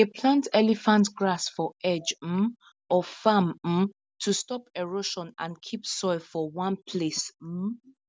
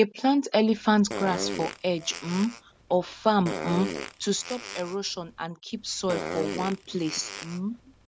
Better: first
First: none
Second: background sound (Fart); 9 dB below the speech

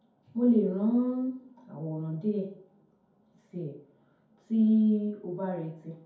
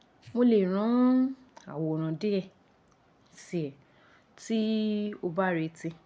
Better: second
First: room echo; dies away in 0.6 s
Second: none

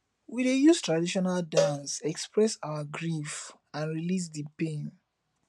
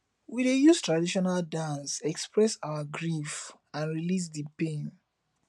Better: second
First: background sound (Cowbell); 4 dB below the speech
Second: none

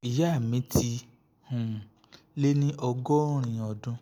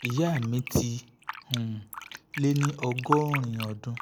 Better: first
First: none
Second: background sound (Fill (with liquid)); 9 dB below the speech

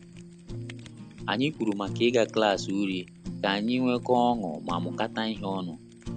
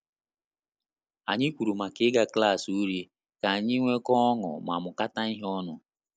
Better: second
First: background sound (Fire); 11 dB below the speech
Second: none

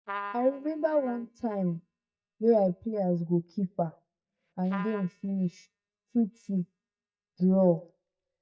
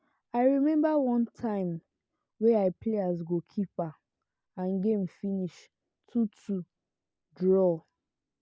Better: second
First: noise reduction (neural mask model DeepFilterNet 3)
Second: none

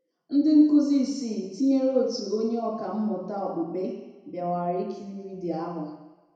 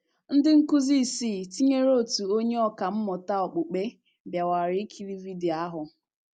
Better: second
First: room echo; dies away in 1 s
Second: none

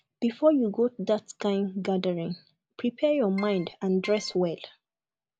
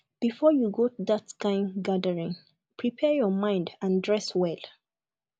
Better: second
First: background sound (Keyboard (musical)); 15 dB below the speech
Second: none

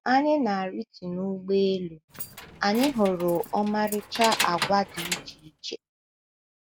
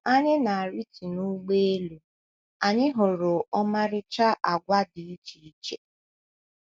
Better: second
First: background sound (Keys jangling); 8 dB below the speech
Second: none

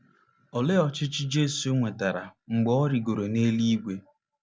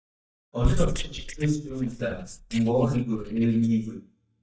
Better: first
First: none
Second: noise reduction (neural mask model DeepFilterNet 3)

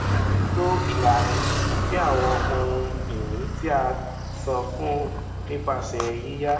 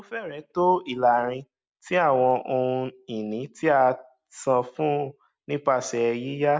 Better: second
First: background sound (Car); 1 dB above the speech // room echo; dies away in 1 s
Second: none

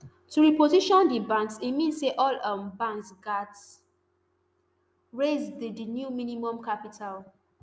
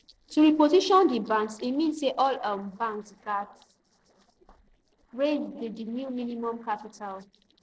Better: first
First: none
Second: noise reduction (neural separator model SepFormer DNS4)

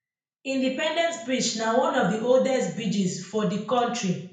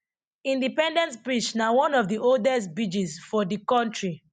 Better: second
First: room echo; dies away in 0.5 s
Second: none

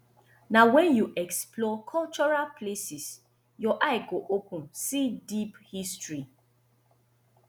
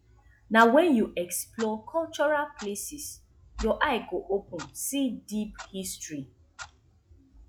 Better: first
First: none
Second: noise reduction (classical method log-MMSE)

